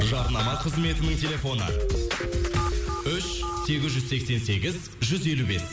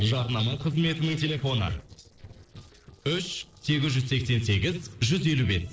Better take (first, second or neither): first